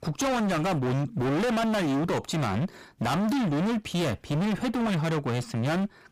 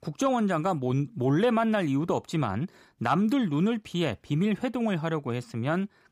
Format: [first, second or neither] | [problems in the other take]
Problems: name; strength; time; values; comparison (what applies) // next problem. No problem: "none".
second | distortion; heavy; 43% of the sound clipped